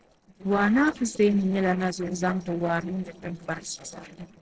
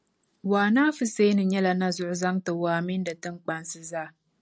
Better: second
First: noise reduction (neural separator model SepFormer DNS4)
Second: none

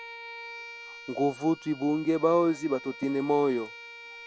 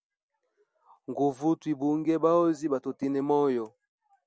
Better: second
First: background sound (Bowed string instrument); 16 dB below the speech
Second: none

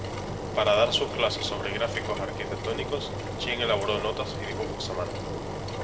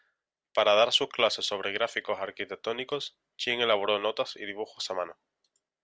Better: second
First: background sound (Engine); 3 dB below the speech // room echo; dies away in 1.8 s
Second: none

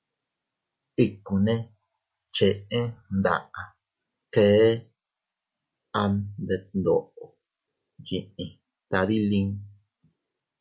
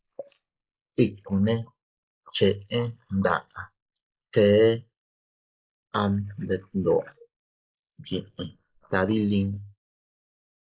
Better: first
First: none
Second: noise reduction (neural mask model Resemble Enhance denoiser)

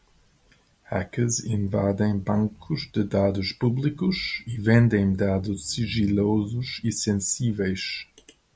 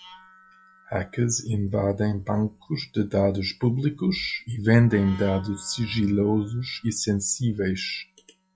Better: first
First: none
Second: noise reduction (classical method log-MMSE)

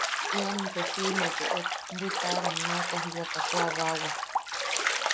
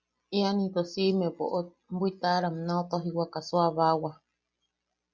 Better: second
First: background sound (Bathtub (filling or washing)); 5 dB above the speech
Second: none

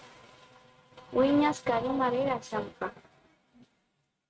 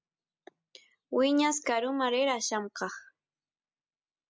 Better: second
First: noise reduction (neural mask model RNNoise)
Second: none

